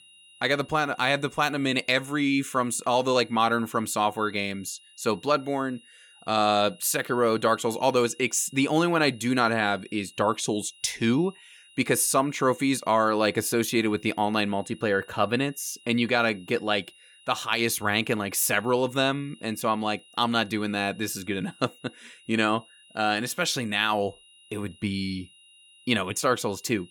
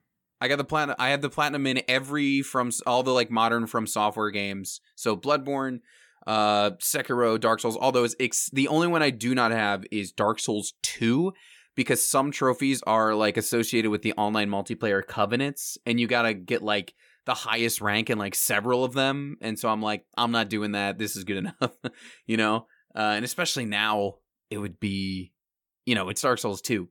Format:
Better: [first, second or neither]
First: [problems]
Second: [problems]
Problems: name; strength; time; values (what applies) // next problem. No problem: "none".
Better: second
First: high-pitched whine; faint; throughout; 3 kHz, 25 dB below the speech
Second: none